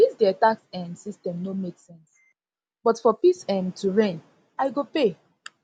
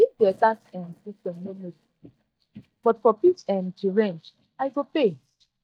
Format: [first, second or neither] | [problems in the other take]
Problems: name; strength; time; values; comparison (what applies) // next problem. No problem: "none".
first | noise reduction (neural mask model DeepFilterNet 3)